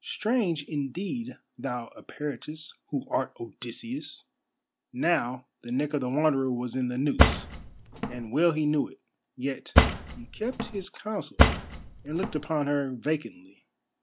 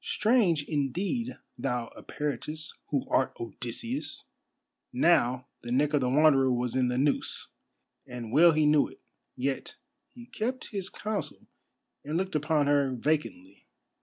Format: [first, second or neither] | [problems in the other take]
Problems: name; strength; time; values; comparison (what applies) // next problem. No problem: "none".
second | background sound (Cutlery, silverware / Drawer open or close); 5 dB above the speech